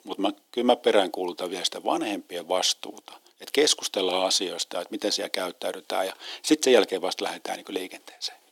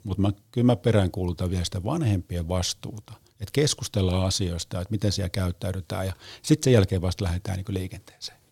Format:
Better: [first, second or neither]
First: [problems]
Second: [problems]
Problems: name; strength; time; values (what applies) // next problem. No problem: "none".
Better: second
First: thin; very; fading below 300 Hz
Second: none